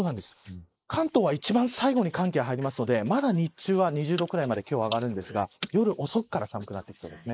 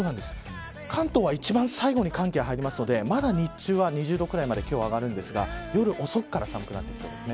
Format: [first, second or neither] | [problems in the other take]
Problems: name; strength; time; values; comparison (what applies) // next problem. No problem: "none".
second | noise reduction (neural mask model Resemble Enhance denoiser)